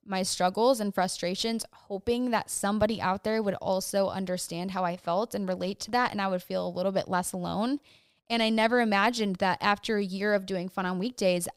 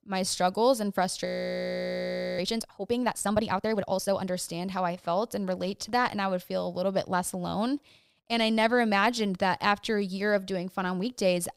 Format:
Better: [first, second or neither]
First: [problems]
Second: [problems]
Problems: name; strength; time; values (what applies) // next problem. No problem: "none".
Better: first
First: none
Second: audio freezing; at 1.5 s for 1 s